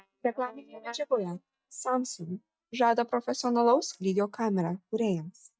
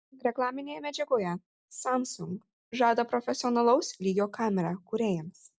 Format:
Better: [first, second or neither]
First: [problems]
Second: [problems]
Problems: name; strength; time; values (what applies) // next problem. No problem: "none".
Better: second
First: noise reduction (neural mask model DeepFilterNet 3)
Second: none